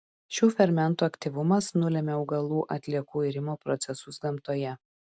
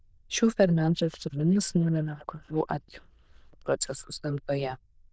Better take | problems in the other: first | noise reduction (neural diffusion model UNIVERSE++)

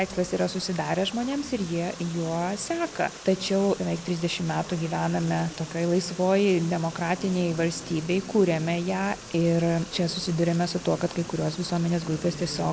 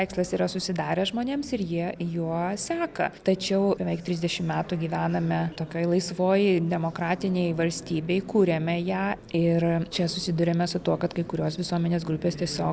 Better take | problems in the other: second | background sound (Water); 17 dB below the speech

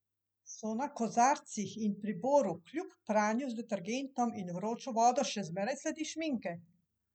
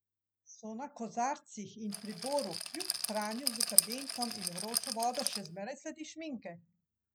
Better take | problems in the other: first | background sound (Rattle); 4 dB above the speech

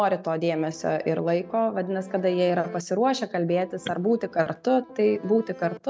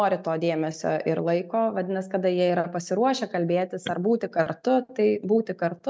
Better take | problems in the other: second | background sound (Accordion); 20 dB below the speech

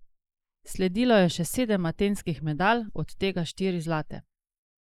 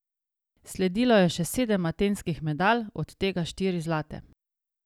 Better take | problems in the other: second | noise reduction (neural mask model Resemble Enhance denoiser)

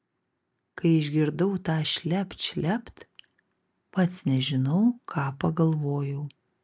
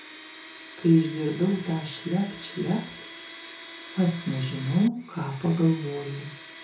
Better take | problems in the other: first | background sound (Domestic sounds, home sounds); 16 dB below the speech // room echo; dies away in 0.6 s

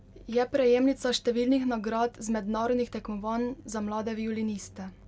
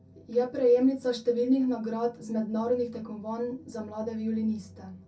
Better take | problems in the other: first | room echo; dies away in 0.3 s

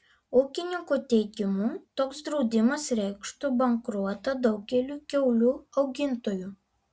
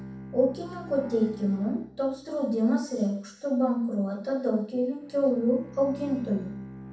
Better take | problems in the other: first | background sound (Bowed string instrument); 17 dB below the speech // room echo; dies away in 0.7 s

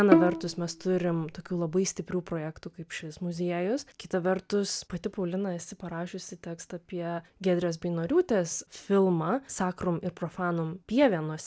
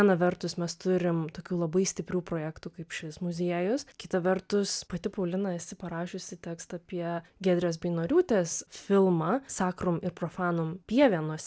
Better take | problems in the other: second | background sound (Bowed string instrument); 1 dB above the speech

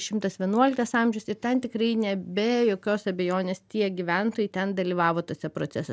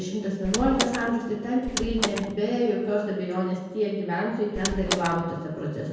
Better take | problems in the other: first | background sound (Door); 5 dB below the speech // room echo; dies away in 1.2 s

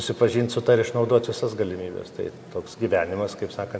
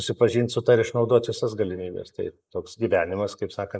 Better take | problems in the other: first | noise reduction (neural mask model Resemble Enhance denoiser)

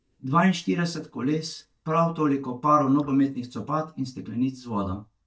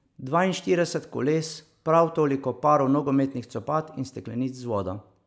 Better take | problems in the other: second | noise reduction (neural mask model DeepFilterNet 3)

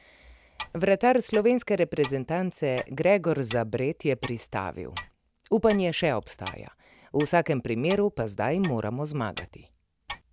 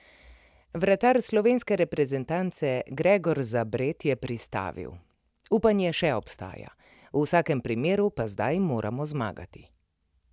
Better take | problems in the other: second | background sound (Clock); 18 dB below the speech

